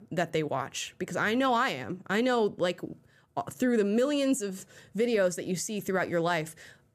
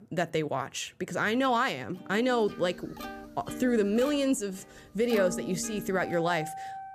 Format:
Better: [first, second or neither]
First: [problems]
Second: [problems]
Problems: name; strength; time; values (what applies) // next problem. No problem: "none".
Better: first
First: none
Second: background music; noticeable; from 2.5 s on; 10 dB below the speech